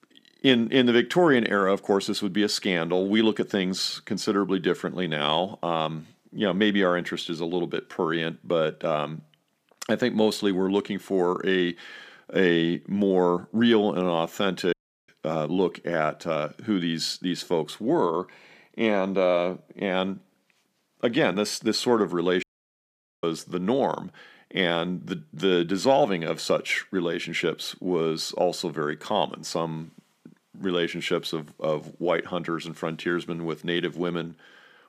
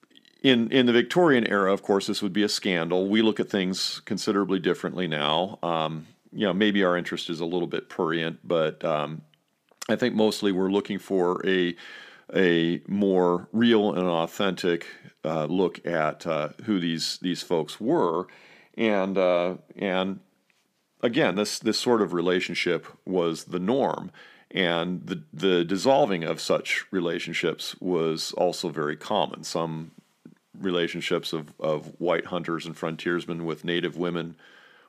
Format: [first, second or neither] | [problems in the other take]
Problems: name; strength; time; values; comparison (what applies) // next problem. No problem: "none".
second | audio cutting out; at 15 s and at 22 s for 1 s